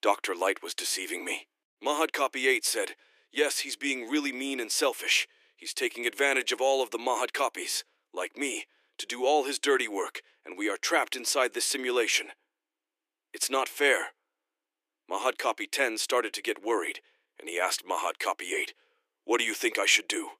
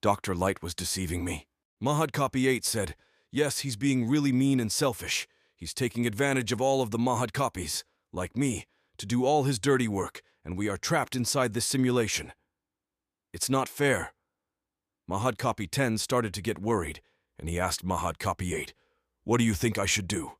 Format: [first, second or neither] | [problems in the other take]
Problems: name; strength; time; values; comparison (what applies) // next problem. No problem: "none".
second | thin; somewhat; fading below 300 Hz